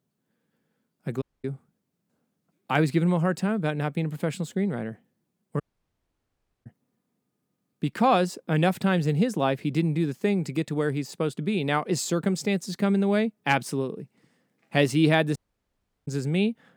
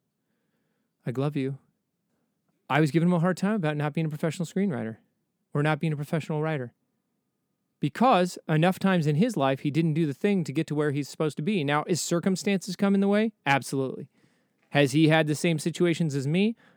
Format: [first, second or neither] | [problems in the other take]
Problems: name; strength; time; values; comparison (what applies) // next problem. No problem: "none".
second | audio cutting out; at 1 s, at 5.5 s for 1 s and at 15 s for 0.5 s